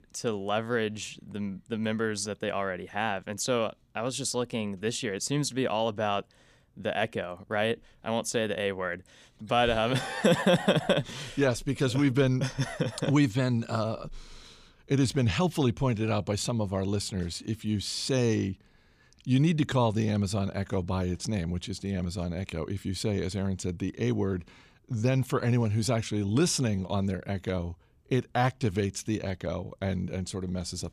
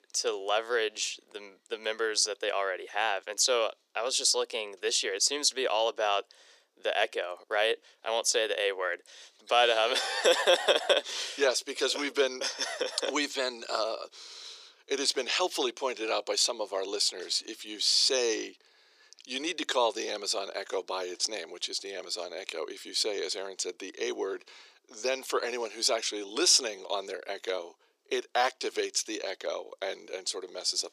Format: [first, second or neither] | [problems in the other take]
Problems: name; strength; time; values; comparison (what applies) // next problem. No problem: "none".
first | thin; very; fading below 350 Hz